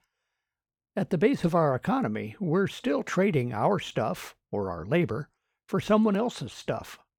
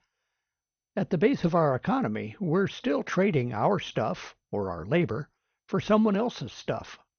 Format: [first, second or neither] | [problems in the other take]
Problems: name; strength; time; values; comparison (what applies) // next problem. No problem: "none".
first | garbled, watery; slightly; nothing above 6.5 kHz